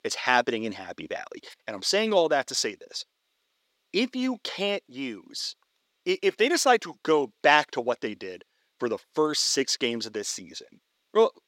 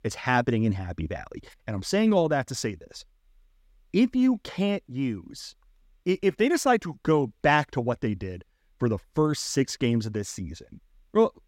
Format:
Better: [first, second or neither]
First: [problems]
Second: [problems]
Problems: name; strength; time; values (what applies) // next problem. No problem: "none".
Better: second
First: thin; somewhat; fading below 450 Hz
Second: none